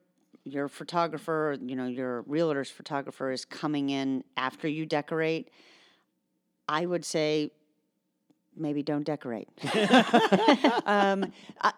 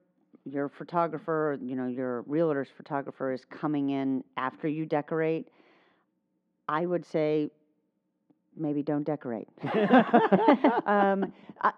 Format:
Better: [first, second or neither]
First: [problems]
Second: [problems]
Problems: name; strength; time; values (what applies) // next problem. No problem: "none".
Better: first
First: none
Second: muffled; very; fading above 4 kHz